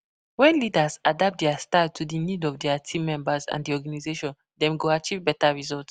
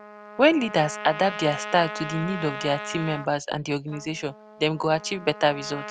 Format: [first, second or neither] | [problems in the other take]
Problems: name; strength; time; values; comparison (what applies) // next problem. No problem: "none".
first | background sound (Trumpet); 12 dB below the speech